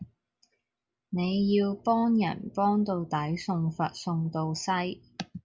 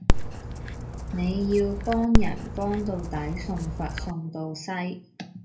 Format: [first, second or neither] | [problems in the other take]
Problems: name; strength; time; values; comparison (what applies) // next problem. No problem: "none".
first | background sound (Dog); 4 dB above the speech // room echo; dies away in 0.3 s